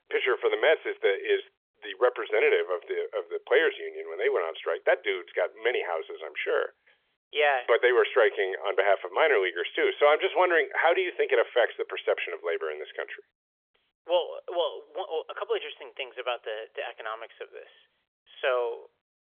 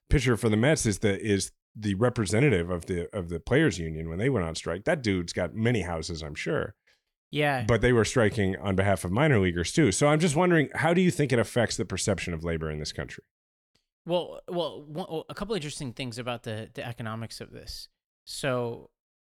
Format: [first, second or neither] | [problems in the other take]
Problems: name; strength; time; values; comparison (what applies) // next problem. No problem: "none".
second | phone-call audio; nothing above 3.5 kHz